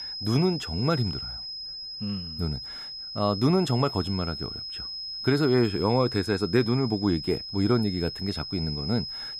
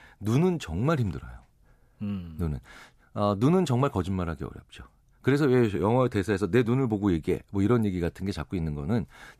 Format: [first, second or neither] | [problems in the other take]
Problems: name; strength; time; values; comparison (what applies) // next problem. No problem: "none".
second | high-pitched whine; loud; throughout; 5 kHz, 7 dB below the speech